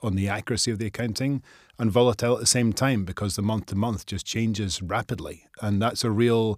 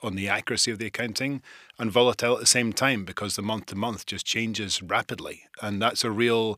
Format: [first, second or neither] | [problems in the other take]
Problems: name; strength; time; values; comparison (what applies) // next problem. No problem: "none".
first | thin; very slightly; fading below 350 Hz